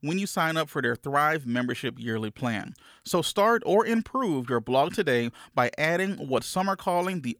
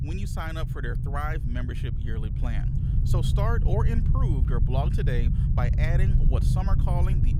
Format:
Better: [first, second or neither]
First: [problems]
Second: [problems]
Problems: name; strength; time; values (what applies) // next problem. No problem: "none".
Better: first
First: none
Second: low rumble; loud; throughout; 4 dB below the speech